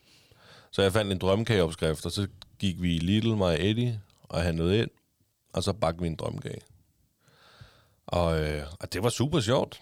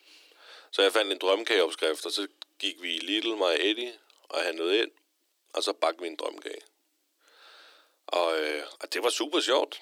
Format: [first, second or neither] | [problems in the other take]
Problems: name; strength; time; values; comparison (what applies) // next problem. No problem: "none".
first | thin; very; fading below 300 Hz